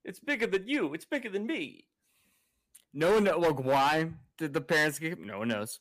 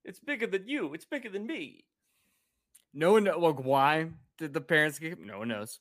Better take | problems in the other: second | distortion; heavy; 6% of the sound clipped

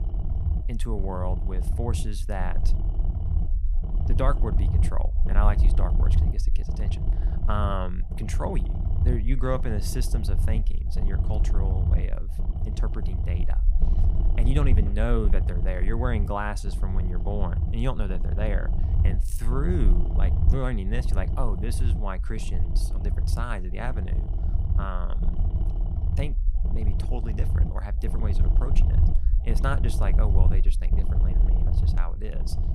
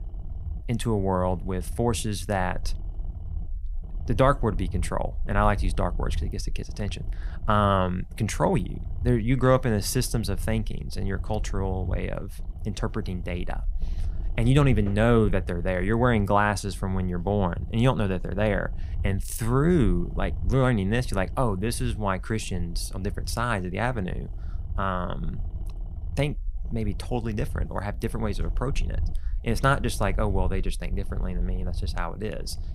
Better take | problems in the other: second | low rumble; loud; throughout; 8 dB below the speech; faint in the second

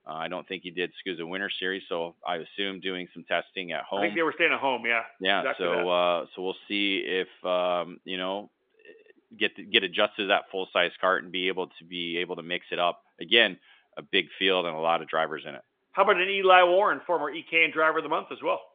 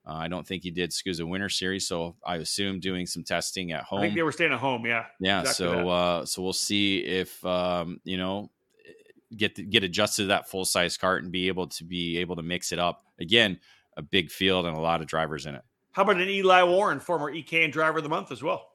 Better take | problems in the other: second | phone-call audio; nothing above 3.5 kHz

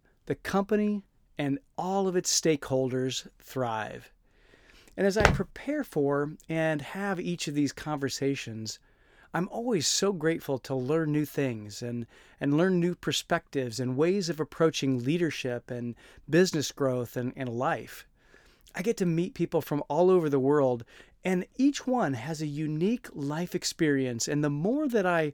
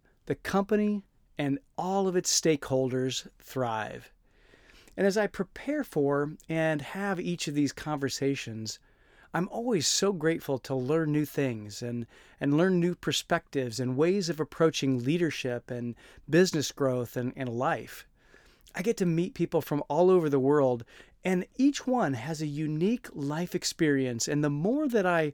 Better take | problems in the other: second | footsteps; loud; at 5 s; peak 3 dB above the speech

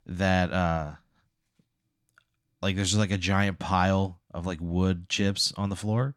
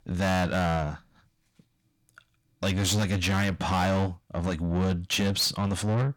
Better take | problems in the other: first | distortion; heavy; 7 dB below the speech

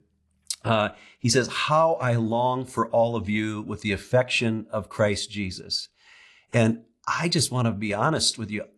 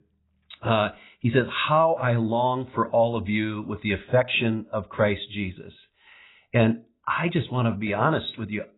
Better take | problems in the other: first | garbled, watery; badly; nothing above 4 kHz; slightly in the first

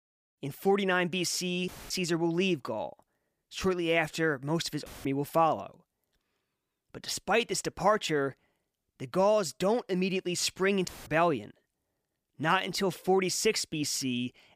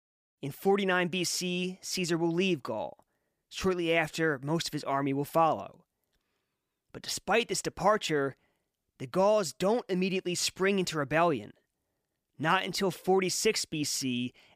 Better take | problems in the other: second | audio cutting out; filled with static; at 1.5 s, at 5 s and at 11 s

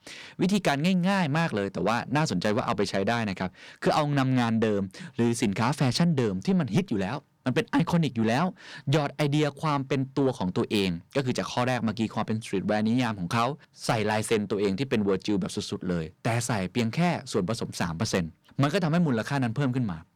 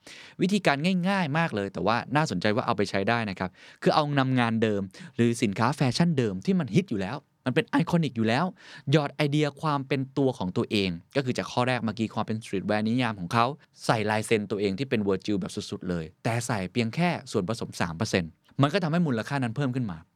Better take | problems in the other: second | distortion; slight; 10 dB below the speech

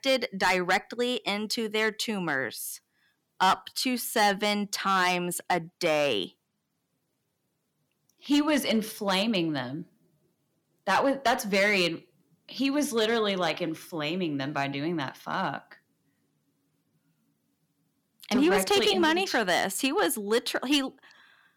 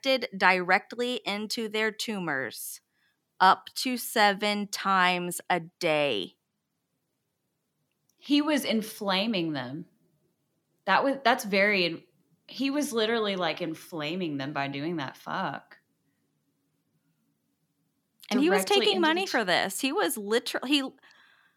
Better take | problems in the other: second | distortion; slight; 3% of the sound clipped

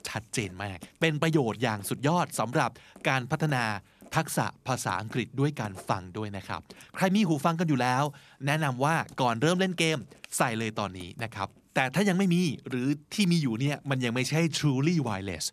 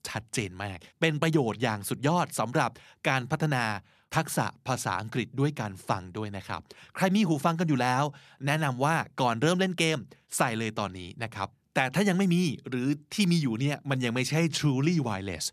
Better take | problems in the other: second | household noises; faint; throughout; 25 dB below the speech

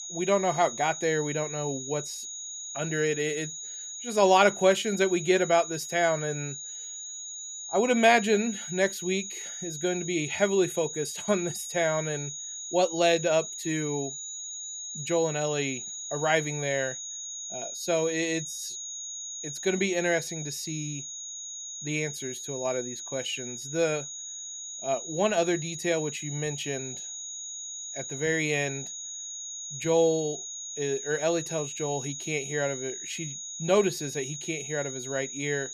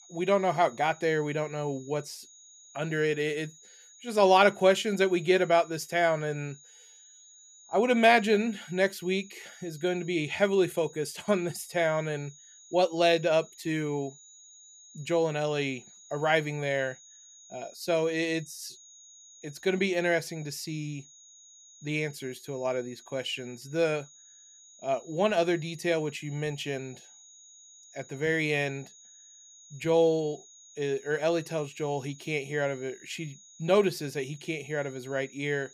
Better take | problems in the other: second | high-pitched whine; loud; throughout; 6.5 kHz, 7 dB below the speech; faint in the second

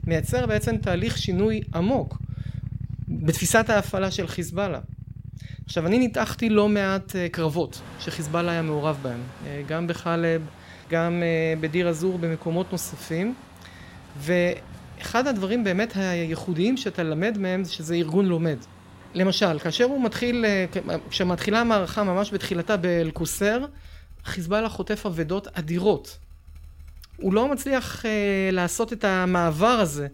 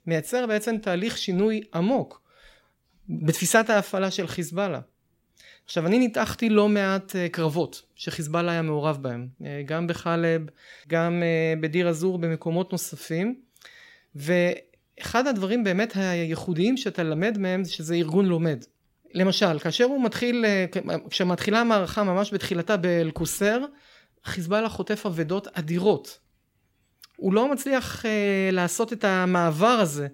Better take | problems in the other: second | traffic noise; noticeable; throughout; 15 dB below the speech

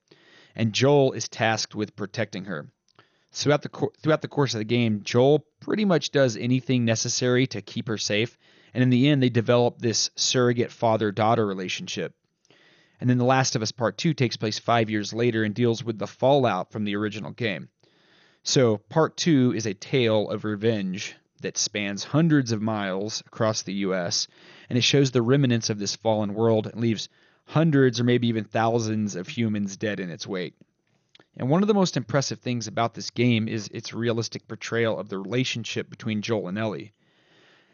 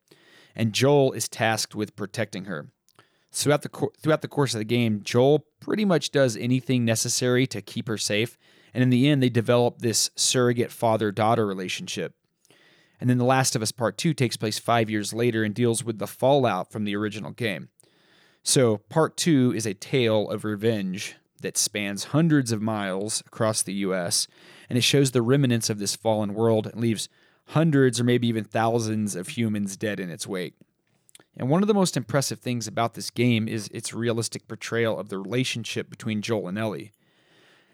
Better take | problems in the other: second | garbled, watery; slightly; nothing above 6.5 kHz

